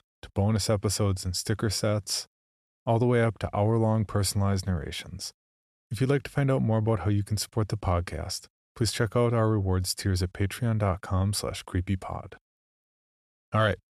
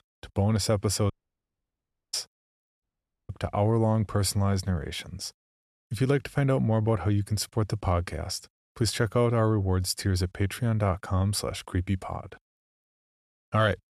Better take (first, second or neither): first